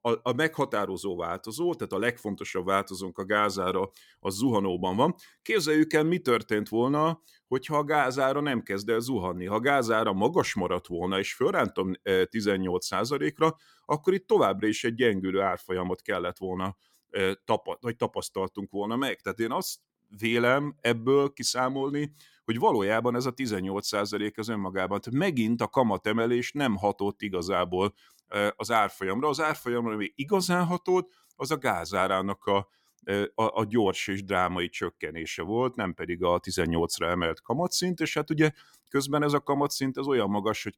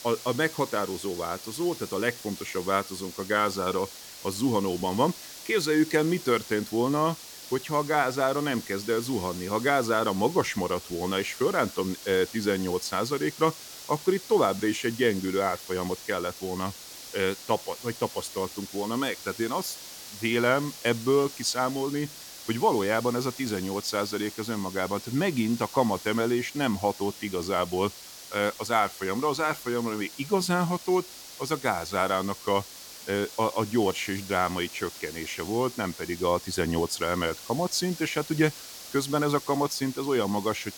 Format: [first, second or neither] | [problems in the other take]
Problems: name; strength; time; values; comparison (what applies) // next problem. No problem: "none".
first | hiss; noticeable; throughout; 15 dB below the speech